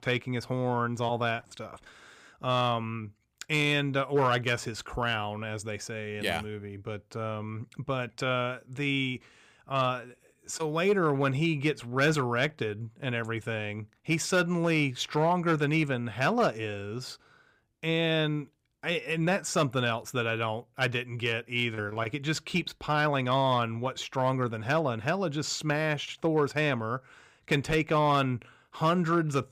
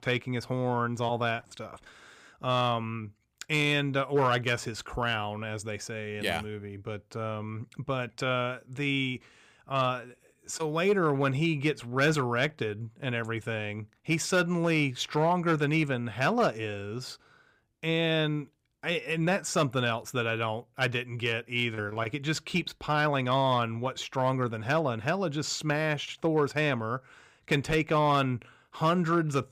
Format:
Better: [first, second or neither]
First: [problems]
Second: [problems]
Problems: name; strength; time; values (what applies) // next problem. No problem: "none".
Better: neither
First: none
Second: none